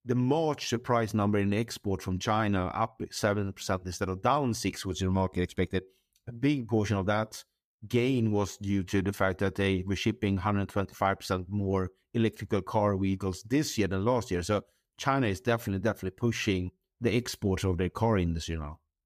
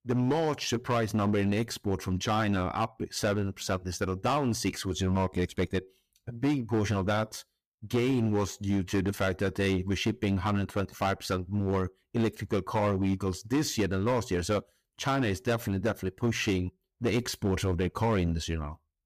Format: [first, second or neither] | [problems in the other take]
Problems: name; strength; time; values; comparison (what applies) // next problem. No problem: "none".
first | distortion; slight; 8% of the sound clipped